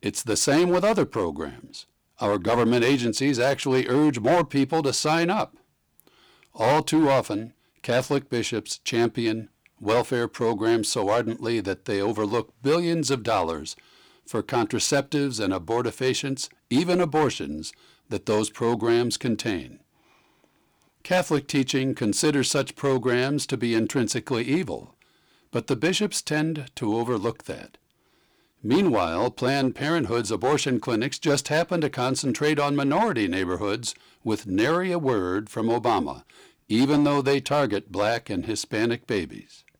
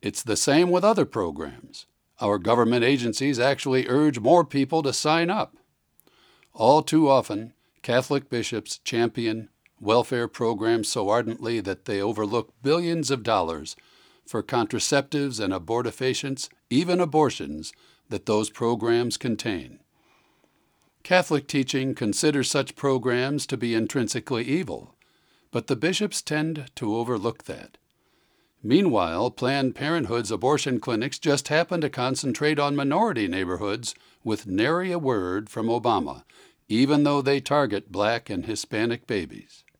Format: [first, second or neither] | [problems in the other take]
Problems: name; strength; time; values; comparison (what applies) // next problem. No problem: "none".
second | distortion; slight; 4% of the sound clipped